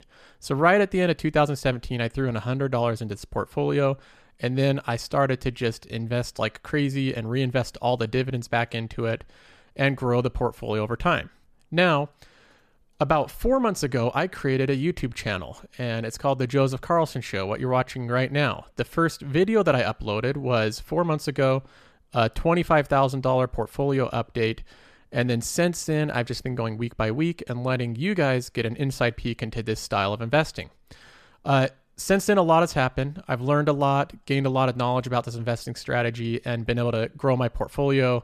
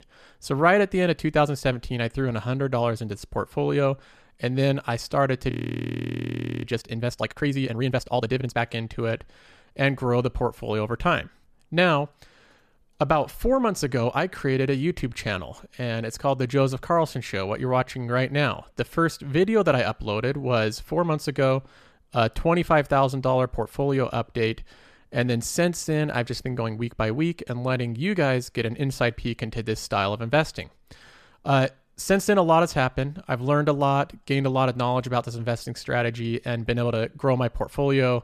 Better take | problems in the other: first | audio freezing; at 5.5 s for 1 s

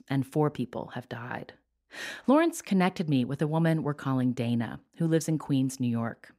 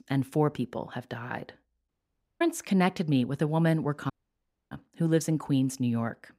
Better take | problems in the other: first | audio cutting out; at 2 s for 0.5 s and at 4 s for 0.5 s

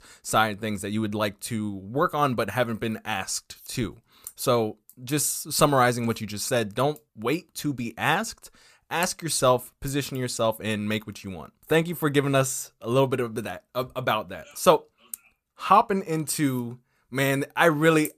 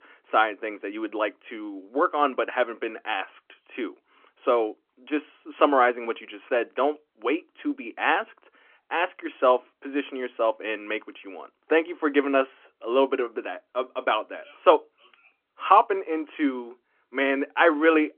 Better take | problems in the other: first | phone-call audio; nothing above 3.5 kHz

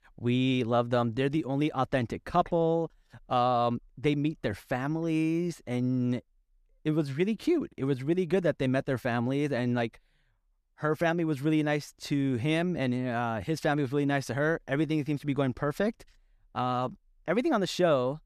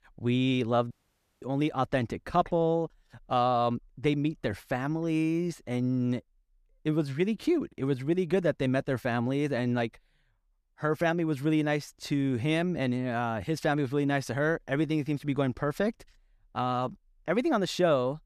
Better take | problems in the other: first | audio cutting out; at 1 s for 0.5 s

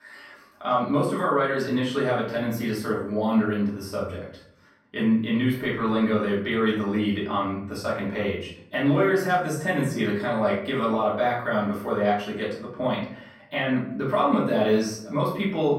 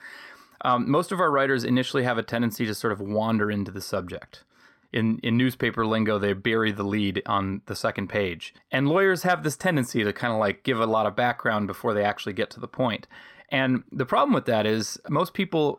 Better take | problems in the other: second | off-mic speech; far // room echo; noticeable; dies away in 0.6 s

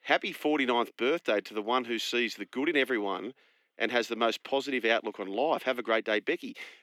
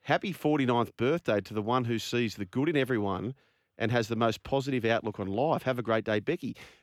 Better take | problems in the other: second | thin; very slightly; fading below 250 Hz

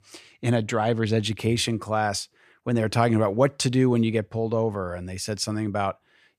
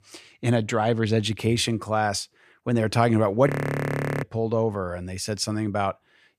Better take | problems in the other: first | audio freezing; at 3.5 s for 0.5 s

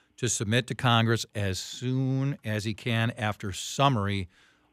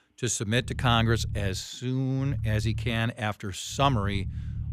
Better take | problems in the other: first | low rumble; noticeable; at 0.5 s, at 2.5 s and at 4 s; 20 dB below the speech

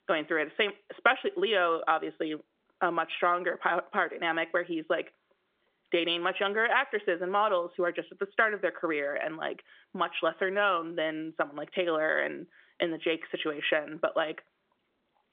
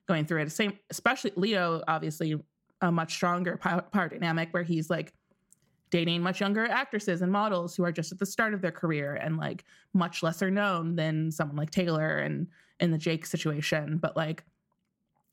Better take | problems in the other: second | phone-call audio; nothing above 3.5 kHz

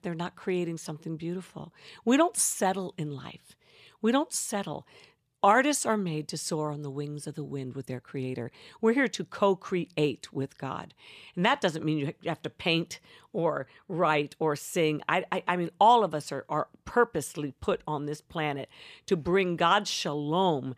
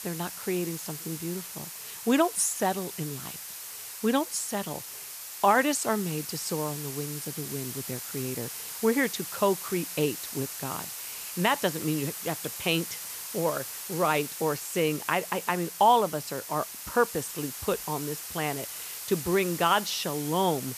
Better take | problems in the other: first | hiss; loud; throughout; 7 dB below the speech

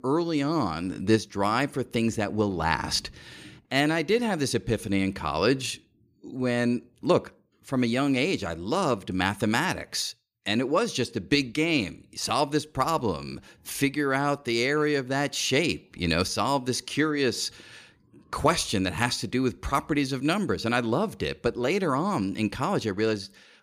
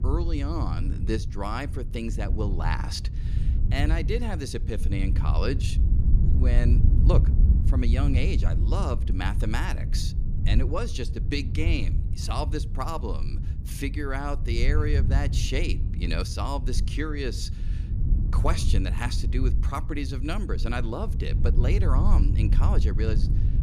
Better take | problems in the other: first | wind noise on the microphone; heavy; 9 dB below the speech

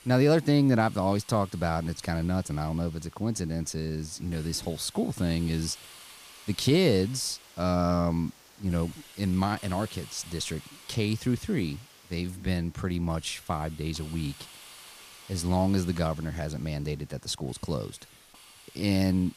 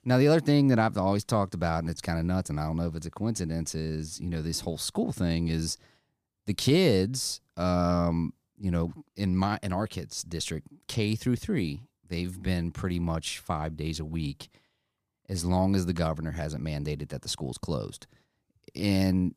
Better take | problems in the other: second | hiss; faint; throughout; 20 dB below the speech

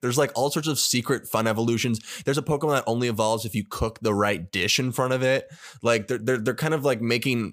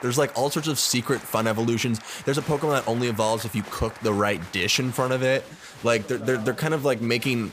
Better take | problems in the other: first | crowd noise; noticeable; throughout; 15 dB below the speech

